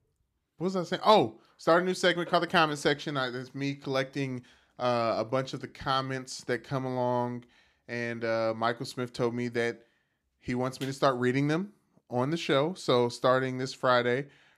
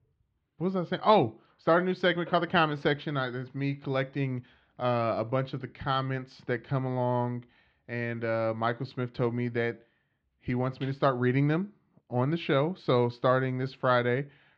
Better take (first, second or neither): first